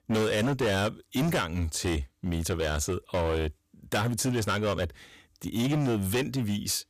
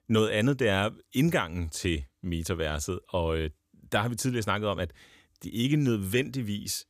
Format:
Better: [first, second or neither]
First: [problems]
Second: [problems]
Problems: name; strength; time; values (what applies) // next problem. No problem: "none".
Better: second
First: distortion; heavy; 17% of the sound clipped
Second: none